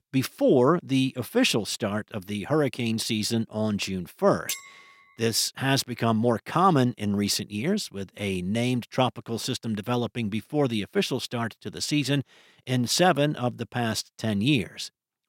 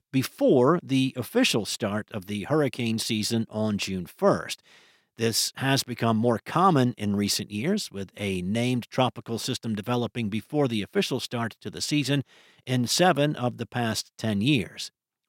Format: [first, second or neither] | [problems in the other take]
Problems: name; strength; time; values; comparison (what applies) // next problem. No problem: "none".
second | clattering dishes; noticeable; at 4.5 s; peak 9 dB below the speech